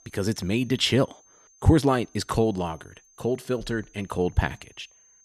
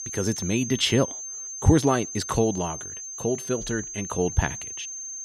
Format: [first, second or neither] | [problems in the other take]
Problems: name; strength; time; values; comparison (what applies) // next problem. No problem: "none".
first | high-pitched whine; loud; throughout; 6.5 kHz, 8 dB below the speech; faint in the first